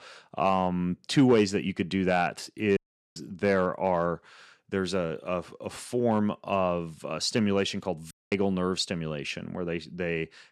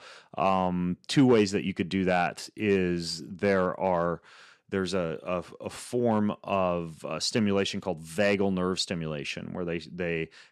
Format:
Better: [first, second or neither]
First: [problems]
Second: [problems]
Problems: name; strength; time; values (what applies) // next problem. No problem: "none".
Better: second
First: audio cutting out; at 3 s and at 8 s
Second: none